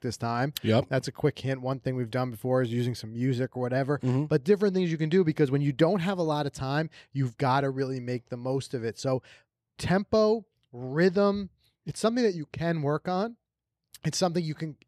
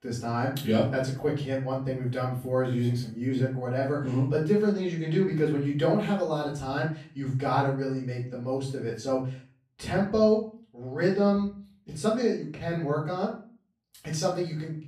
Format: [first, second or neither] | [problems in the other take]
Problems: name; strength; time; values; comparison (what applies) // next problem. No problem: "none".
first | off-mic speech; far // room echo; noticeable; dies away in 0.4 s